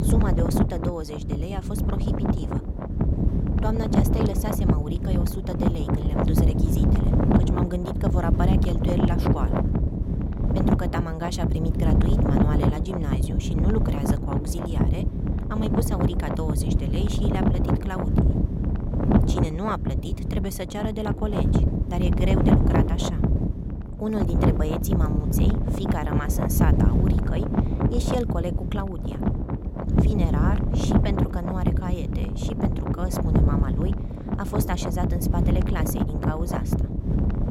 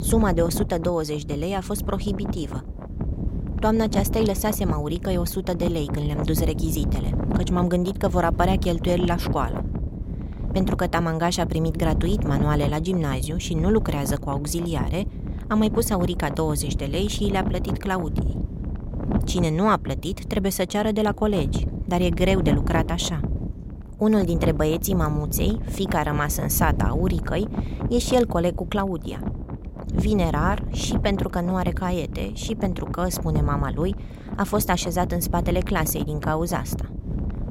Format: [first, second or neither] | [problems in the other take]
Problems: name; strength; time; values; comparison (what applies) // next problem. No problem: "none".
second | wind noise on the microphone; heavy; 2 dB above the speech; occasional gusts in the second